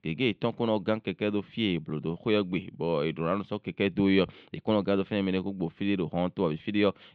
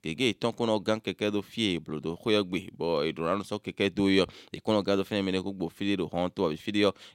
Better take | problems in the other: second | muffled; slightly; fading above 3 kHz

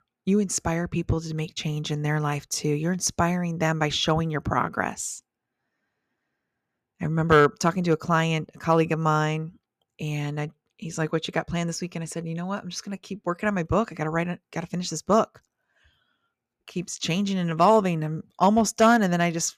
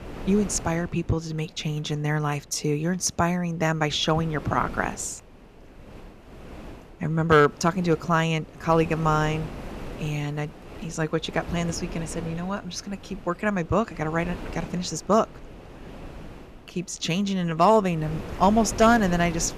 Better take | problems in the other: first | wind noise on the microphone; occasional gusts; 20 dB below the speech

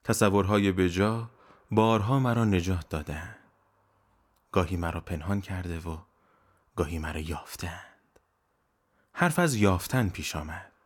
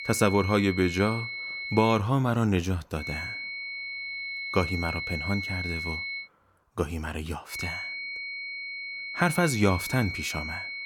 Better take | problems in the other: first | high-pitched whine; loud; until 2 s, from 3 to 6 s and from 7.5 s on; 2 kHz, 6 dB below the speech

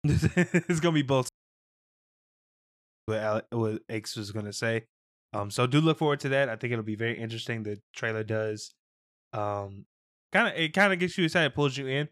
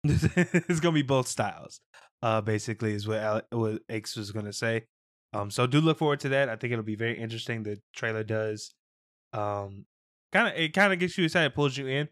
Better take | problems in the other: second | audio cutting out; at 1.5 s for 2 s

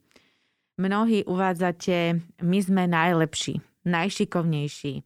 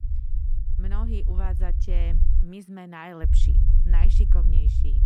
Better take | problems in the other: first | low rumble; loud; until 2.5 s and from 3 s on; 4 dB below the speech

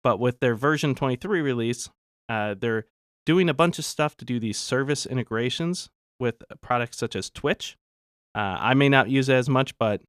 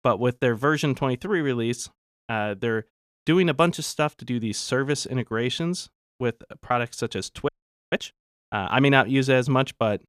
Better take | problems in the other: first | audio freezing; at 7.5 s

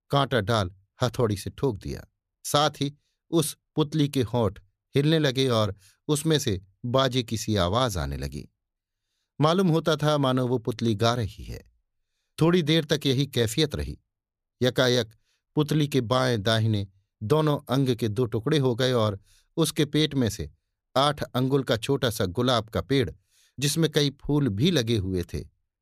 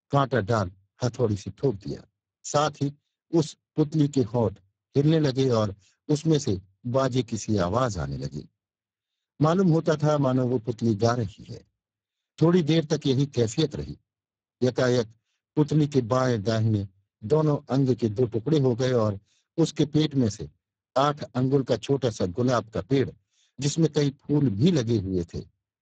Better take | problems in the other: first | garbled, watery; badly; nothing above 7.5 kHz

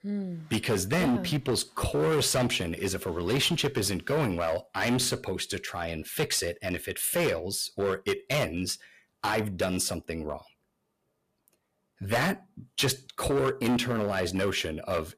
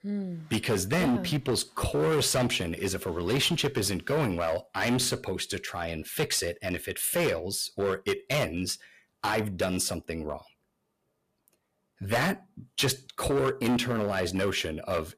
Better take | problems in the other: neither | distortion; heavy; 9% of the sound clipped; the same in both

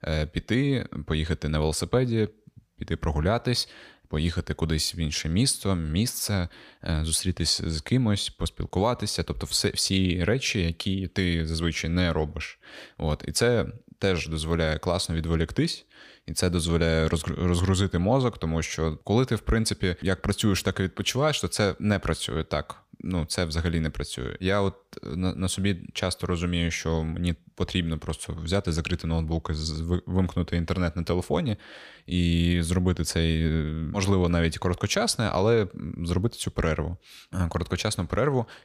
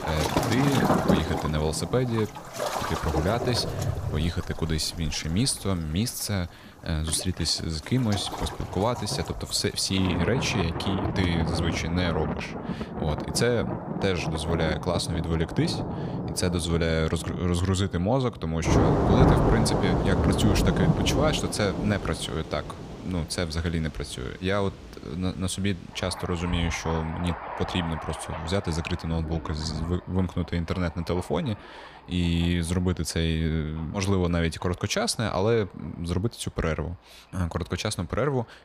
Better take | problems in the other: first | rain or running water; loud; throughout; 2 dB below the speech

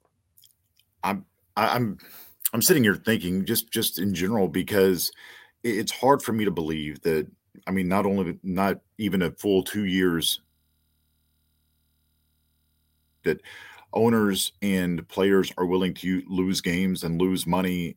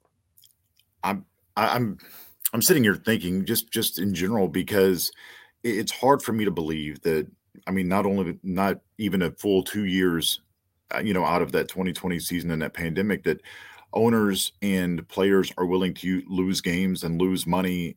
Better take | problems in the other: second | audio freezing; at 10 s for 3 s

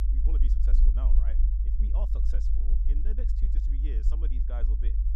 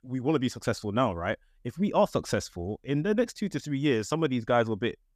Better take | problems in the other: second | low rumble; loud; throughout; as loud as the speech

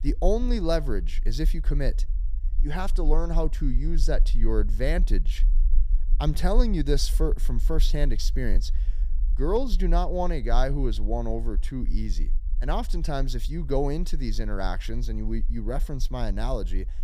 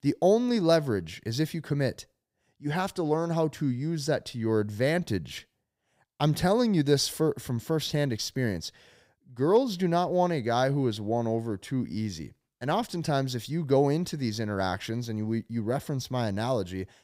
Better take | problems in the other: second | low rumble; faint; throughout; 25 dB below the speech

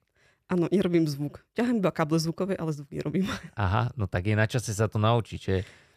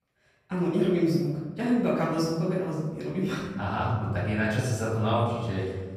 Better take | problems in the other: first | room echo; noticeable; dies away in 1 s // off-mic speech; far

